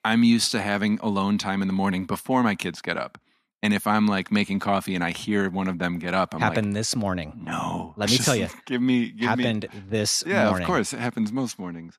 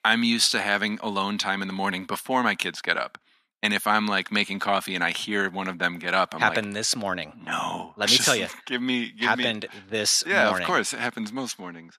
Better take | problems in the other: first | thin; somewhat; fading below 550 Hz

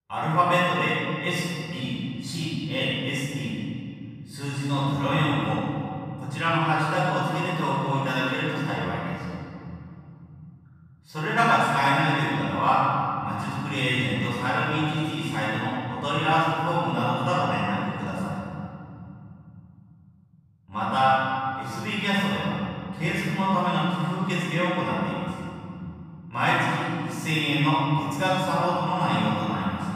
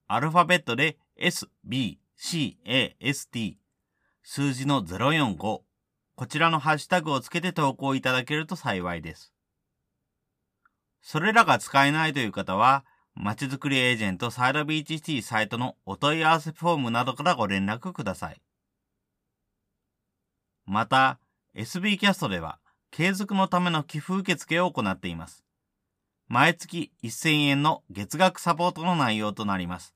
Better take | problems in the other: second | off-mic speech; far // room echo; strong; dies away in 3 s

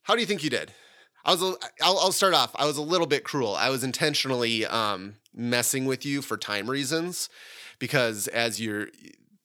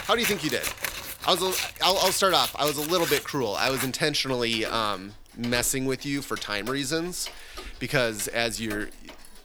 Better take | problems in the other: first | household noises; loud; throughout; 8 dB below the speech

